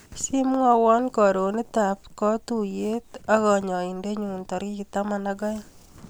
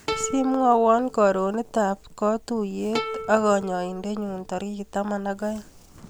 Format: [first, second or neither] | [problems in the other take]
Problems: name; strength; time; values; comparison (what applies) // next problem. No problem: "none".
first | background sound (Plucked string instrument); 13 dB below the speech